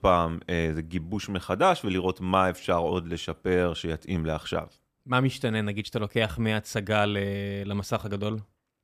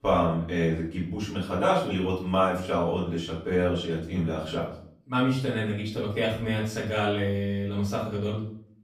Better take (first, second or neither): first